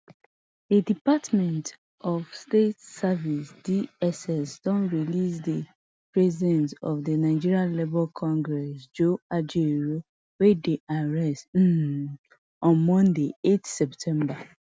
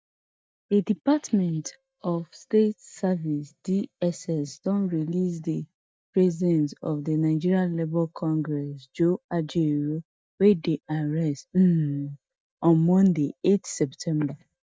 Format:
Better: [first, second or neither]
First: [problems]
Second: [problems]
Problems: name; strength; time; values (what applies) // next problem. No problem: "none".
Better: first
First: none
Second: noise reduction (neural mask model DeepFilterNet 3)